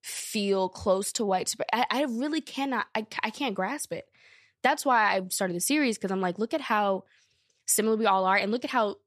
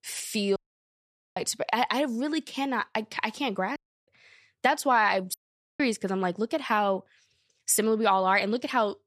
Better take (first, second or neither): first